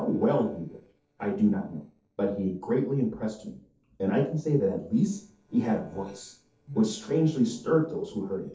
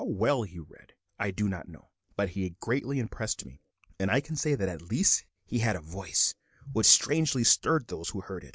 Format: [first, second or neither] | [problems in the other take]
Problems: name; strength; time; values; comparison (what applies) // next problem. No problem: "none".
second | noise reduction (neural separator model SepFormer DNS4)